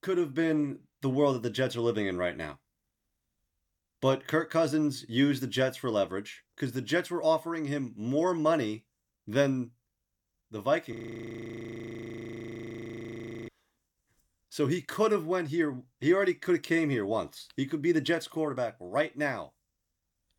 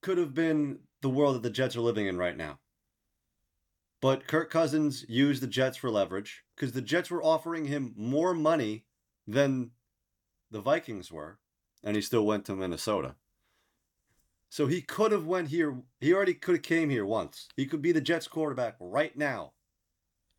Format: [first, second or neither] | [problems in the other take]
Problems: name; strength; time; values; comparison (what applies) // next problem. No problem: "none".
second | audio freezing; at 11 s for 2.5 s